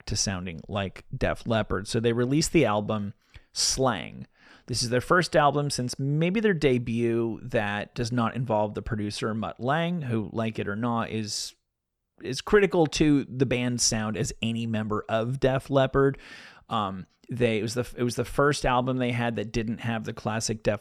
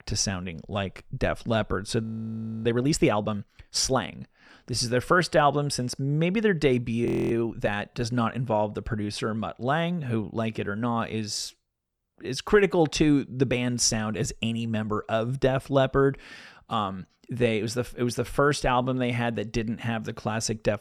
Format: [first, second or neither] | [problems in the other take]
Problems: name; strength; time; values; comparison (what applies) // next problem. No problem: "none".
first | audio freezing; at 2 s for 0.5 s and at 7 s